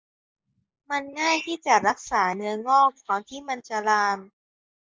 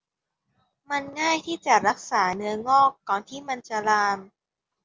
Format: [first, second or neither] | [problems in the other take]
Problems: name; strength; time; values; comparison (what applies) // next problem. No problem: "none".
second | noise reduction (neural mask model Resemble Enhance denoiser)